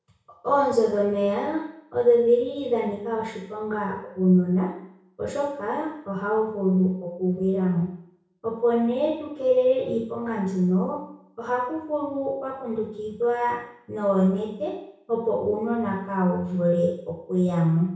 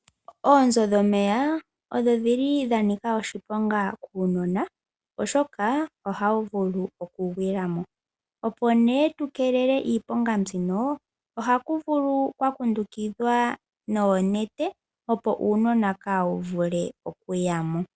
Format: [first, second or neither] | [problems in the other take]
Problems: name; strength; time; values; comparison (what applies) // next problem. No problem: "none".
second | room echo; dies away in 0.6 s